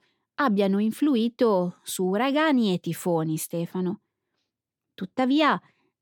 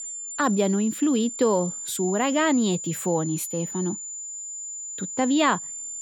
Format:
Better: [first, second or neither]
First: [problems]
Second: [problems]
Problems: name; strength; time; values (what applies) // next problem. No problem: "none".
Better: first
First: none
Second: high-pitched whine; loud; throughout; 7 kHz, 8 dB below the speech